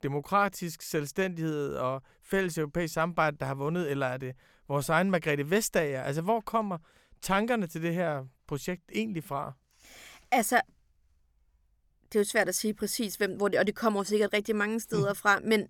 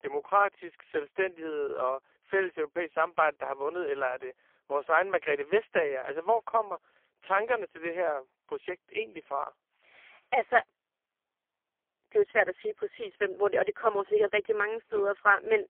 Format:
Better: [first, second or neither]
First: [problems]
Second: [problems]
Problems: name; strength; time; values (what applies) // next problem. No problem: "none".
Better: first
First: none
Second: phone-call audio; poor line; nothing above 3 kHz